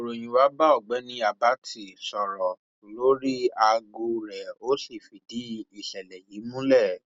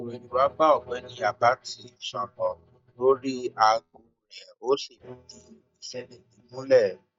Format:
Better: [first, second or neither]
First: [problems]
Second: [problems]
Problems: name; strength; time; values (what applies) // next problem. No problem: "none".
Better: first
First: none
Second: noise reduction (neural mask model DeepFilterNet 3)